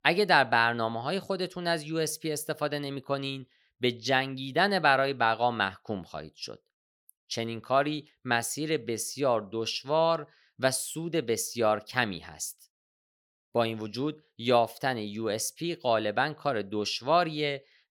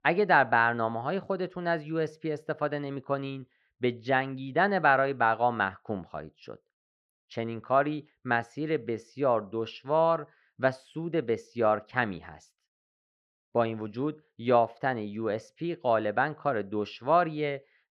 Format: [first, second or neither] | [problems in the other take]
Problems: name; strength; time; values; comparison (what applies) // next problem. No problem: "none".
first | muffled; very; fading above 1.5 kHz